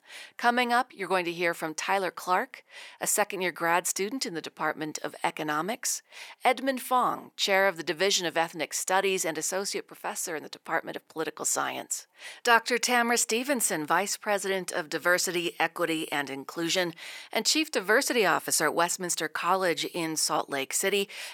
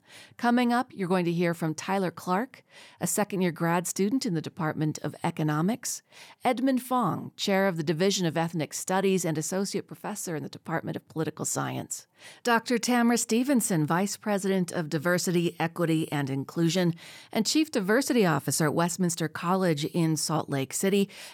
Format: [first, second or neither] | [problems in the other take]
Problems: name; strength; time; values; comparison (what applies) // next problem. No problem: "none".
second | thin; somewhat; fading below 450 Hz